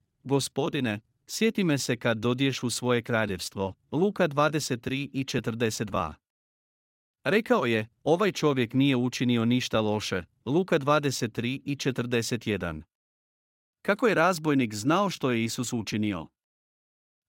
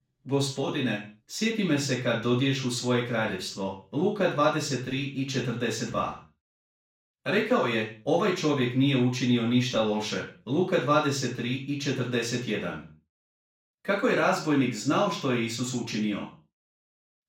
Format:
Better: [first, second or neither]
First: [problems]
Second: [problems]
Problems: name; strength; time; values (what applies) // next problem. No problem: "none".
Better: first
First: none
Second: room echo; noticeable; dies away in 0.3 s // off-mic speech; far